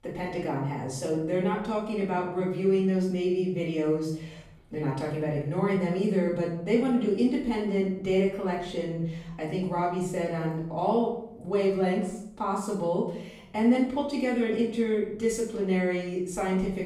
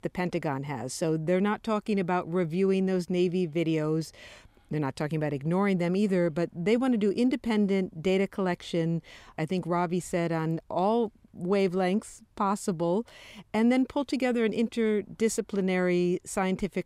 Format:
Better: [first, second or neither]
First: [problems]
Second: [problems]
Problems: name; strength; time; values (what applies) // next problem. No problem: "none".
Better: second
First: off-mic speech; far // room echo; noticeable; dies away in 0.6 s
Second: none